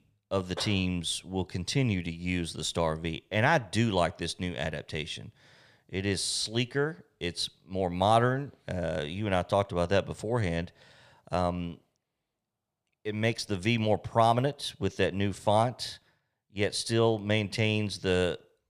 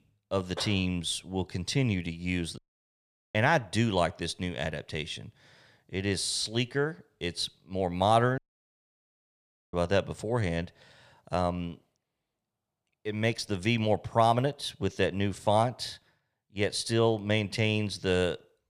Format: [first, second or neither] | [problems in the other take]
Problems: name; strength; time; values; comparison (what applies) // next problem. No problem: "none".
first | audio cutting out; at 2.5 s for 1 s and at 8.5 s for 1.5 s